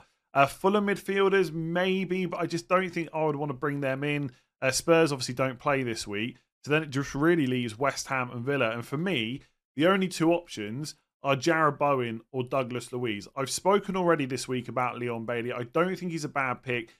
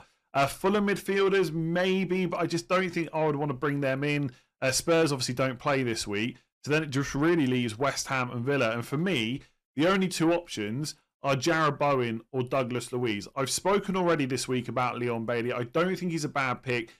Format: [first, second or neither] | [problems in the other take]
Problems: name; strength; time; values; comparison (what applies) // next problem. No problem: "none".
first | distortion; slight; 10 dB below the speech